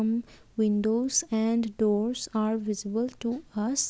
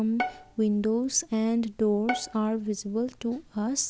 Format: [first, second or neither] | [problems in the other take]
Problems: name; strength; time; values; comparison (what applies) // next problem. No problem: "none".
first | background sound (Bowed string instrument); 11 dB below the speech